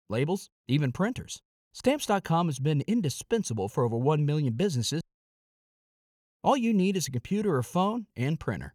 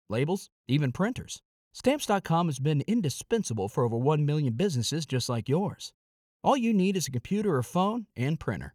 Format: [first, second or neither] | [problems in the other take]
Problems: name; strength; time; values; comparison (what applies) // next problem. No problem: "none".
second | audio cutting out; at 5 s for 1 s